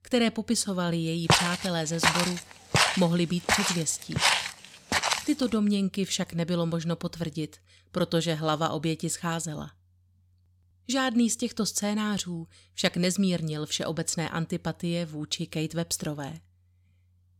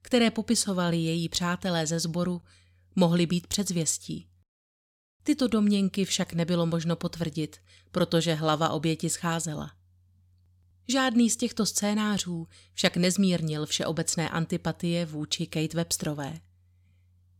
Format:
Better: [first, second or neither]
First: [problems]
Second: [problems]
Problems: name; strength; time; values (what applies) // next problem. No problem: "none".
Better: second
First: footsteps; loud; from 1.5 to 5 s; peak 6 dB above the speech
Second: none